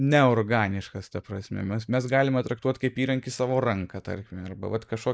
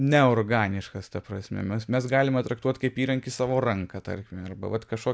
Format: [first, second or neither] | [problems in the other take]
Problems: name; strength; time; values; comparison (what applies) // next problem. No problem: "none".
second | noise reduction (neural mask model Resemble Enhance denoiser)